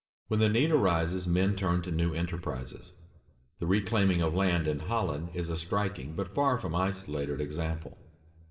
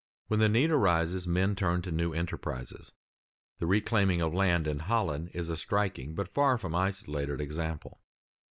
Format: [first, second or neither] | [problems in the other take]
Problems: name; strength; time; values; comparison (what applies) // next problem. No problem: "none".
second | room echo; dies away in 1.6 s